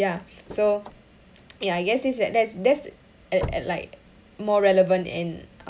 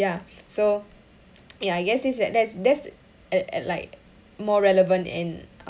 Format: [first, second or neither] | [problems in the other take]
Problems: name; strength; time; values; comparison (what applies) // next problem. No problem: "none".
second | background sound (Slam / Car); 16 dB below the speech